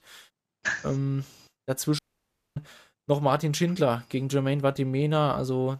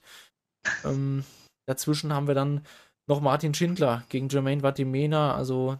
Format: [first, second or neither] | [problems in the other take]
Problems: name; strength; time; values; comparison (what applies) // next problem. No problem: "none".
second | audio cutting out; at 2 s for 0.5 s